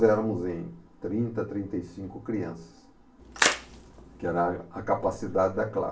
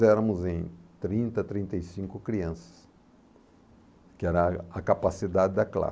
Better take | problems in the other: second | background sound (Splash, splatter); 1 dB below the speech // room echo; dies away in 0.3 s

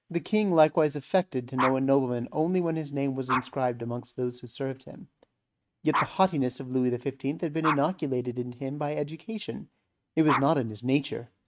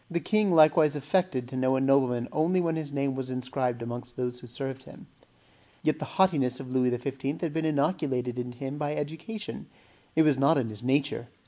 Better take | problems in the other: second | noise reduction (neural mask model RNNoise)

